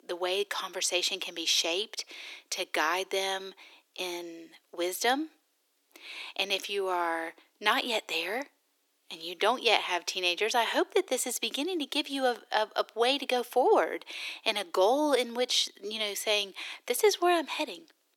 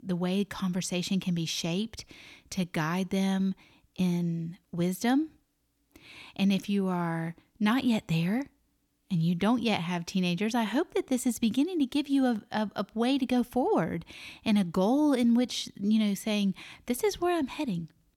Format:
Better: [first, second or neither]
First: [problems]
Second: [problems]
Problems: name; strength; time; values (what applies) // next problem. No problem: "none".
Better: second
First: thin; very; fading below 350 Hz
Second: none